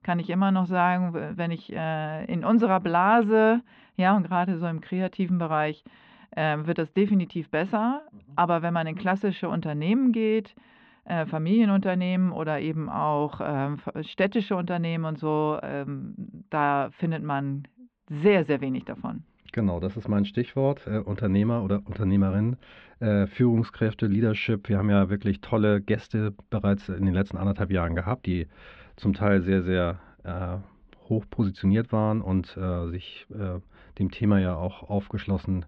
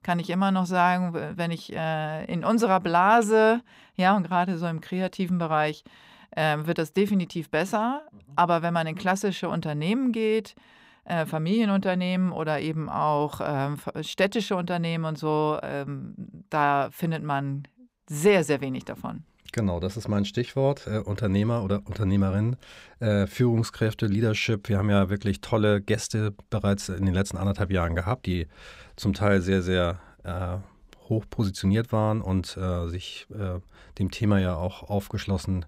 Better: second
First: muffled; slightly; fading above 3.5 kHz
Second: none

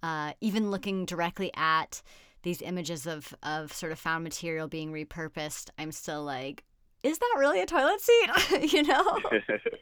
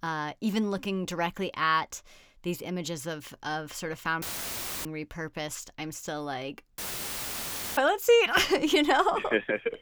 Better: first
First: none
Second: audio cutting out; filled with static; at 4 s for 0.5 s and at 7 s for 1 s

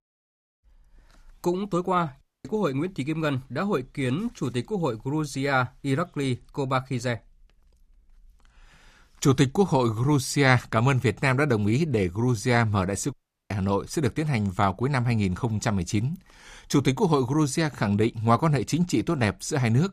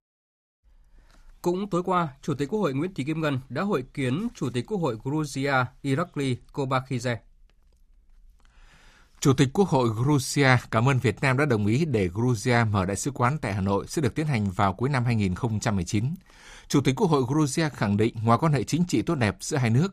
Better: second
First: audio cutting out; at 2 s and at 13 s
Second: none

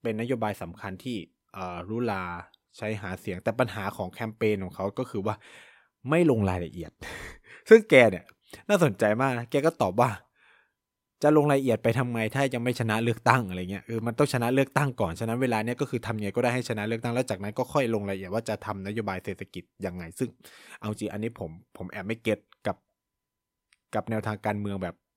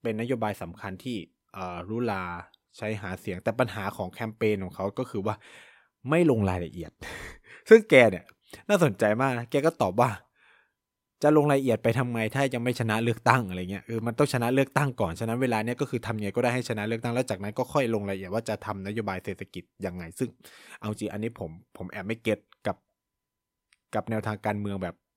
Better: neither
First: none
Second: none

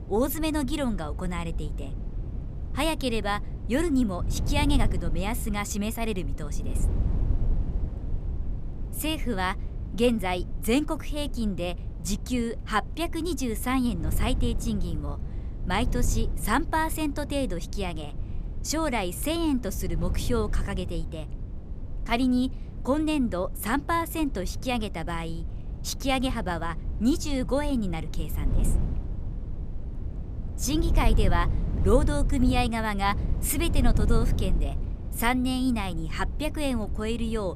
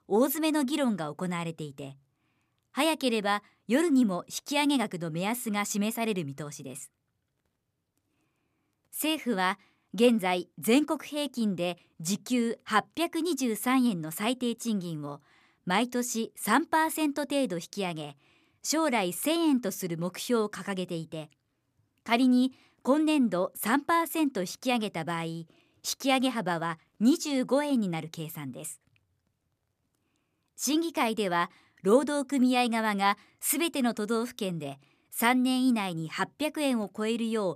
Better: second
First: wind noise on the microphone; occasional gusts; 15 dB below the speech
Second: none

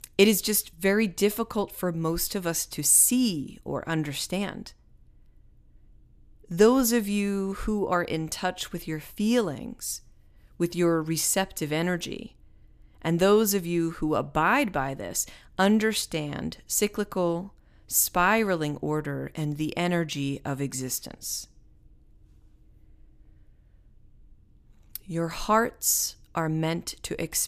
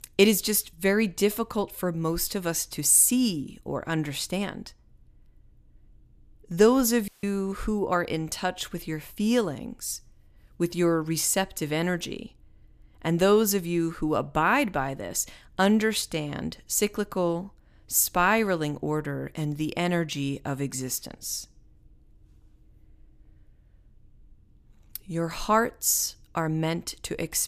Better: first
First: none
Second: audio cutting out; at 7 s

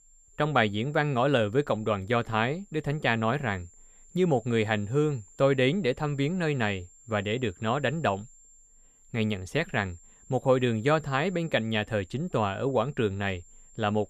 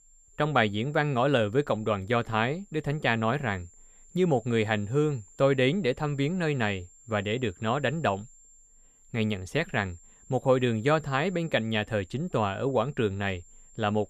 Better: neither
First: high-pitched whine; faint; throughout; 7.5 kHz, 25 dB below the speech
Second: high-pitched whine; faint; throughout; 7.5 kHz, 25 dB below the speech

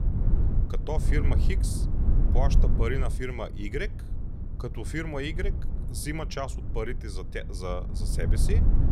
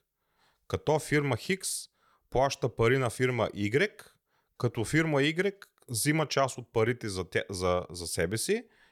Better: second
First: low rumble; loud; throughout; 8 dB below the speech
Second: none

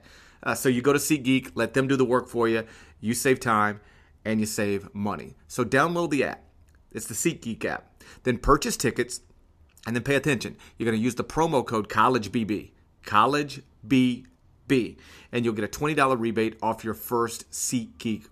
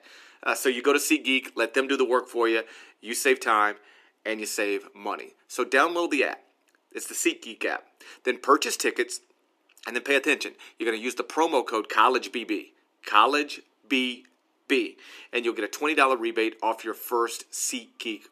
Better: first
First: none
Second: thin; somewhat; fading below 300 Hz

